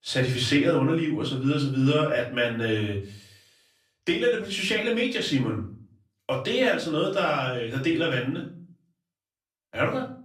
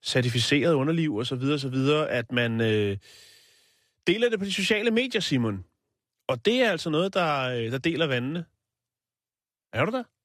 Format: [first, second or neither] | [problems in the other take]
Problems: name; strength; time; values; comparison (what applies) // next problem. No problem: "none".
second | off-mic speech; far // room echo; slight; dies away in 0.3 s